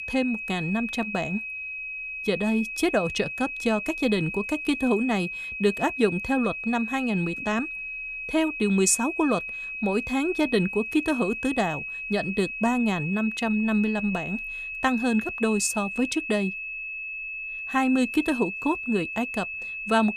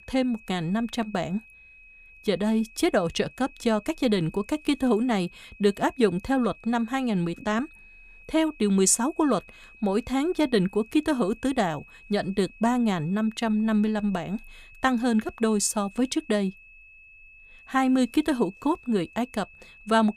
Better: second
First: high-pitched whine; loud; throughout; 2.5 kHz, 5 dB below the speech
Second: high-pitched whine; faint; throughout; 2.5 kHz, 25 dB below the speech

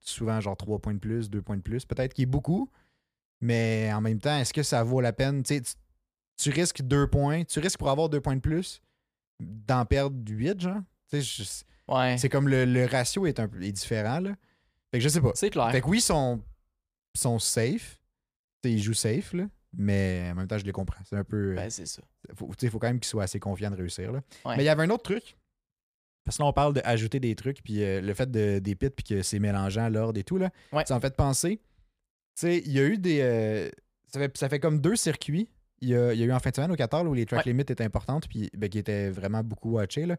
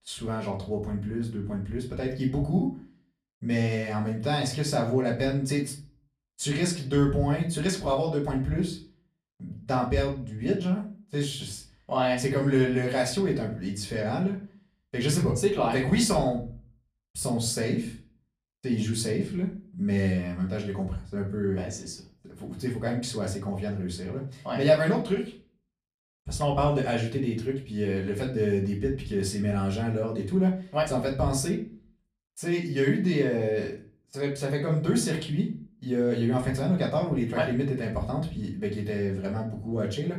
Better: first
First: none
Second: room echo; slight; dies away in 0.3 s // off-mic speech; far

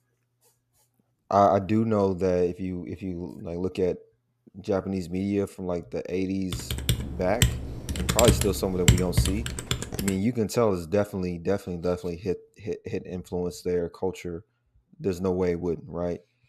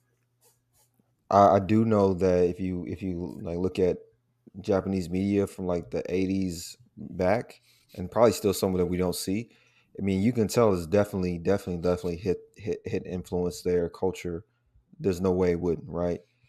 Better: second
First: keyboard typing; loud; from 6.5 to 10 s; peak 6 dB above the speech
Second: none

